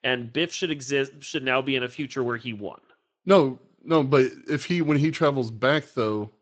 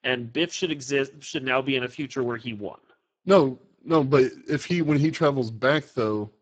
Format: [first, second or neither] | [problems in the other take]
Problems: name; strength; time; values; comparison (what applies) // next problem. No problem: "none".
first | garbled, watery; badly; nothing above 7.5 kHz; slightly in the first